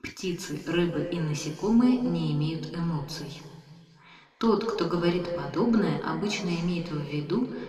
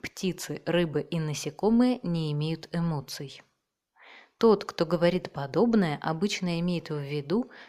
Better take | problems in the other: second | room echo; slight; dies away in 2.1 s // off-mic speech; somewhat distant

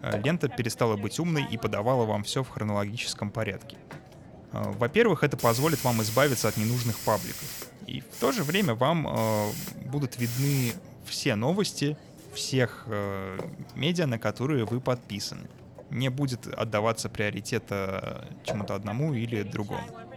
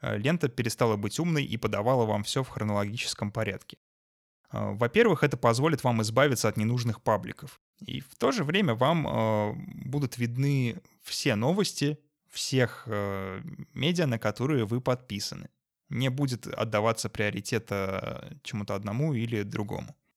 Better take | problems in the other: second | hiss; noticeable; throughout; 10 dB below the speech

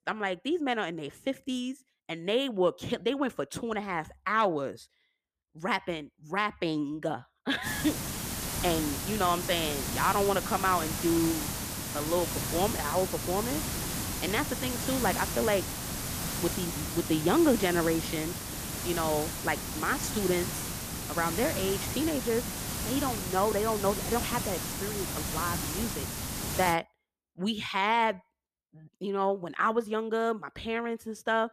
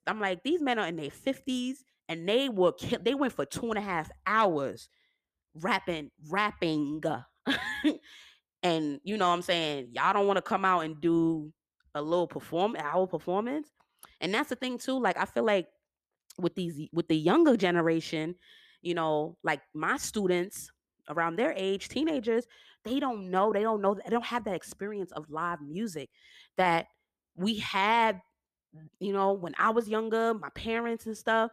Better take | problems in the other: second | hiss; loud; from 7.5 to 27 s; 3 dB below the speech

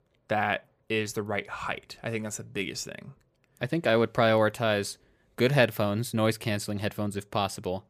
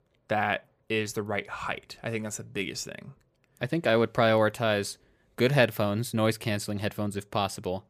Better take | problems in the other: neither | none

